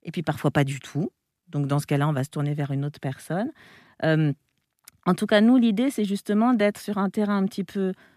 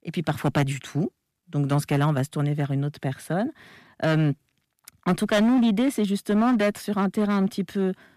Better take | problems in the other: first | distortion; slight; 7% of the sound clipped

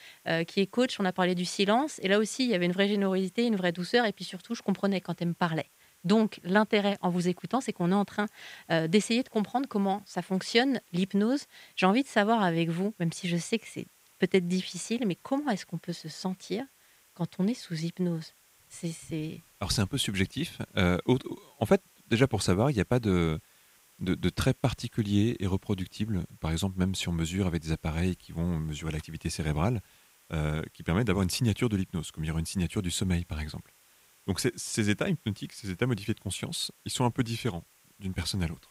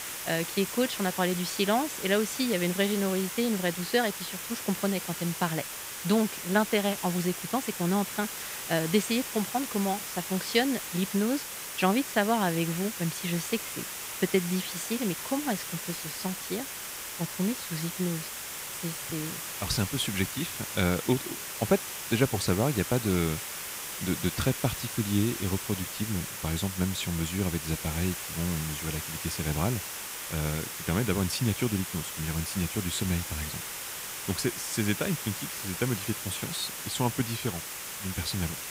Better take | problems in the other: first | hiss; loud; throughout; 5 dB below the speech; faint in the first

